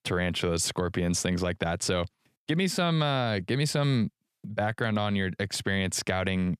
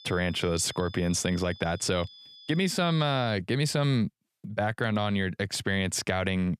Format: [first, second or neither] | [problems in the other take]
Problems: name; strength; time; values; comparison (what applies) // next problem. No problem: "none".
first | high-pitched whine; noticeable; until 3.5 s; 3.5 kHz, 20 dB below the speech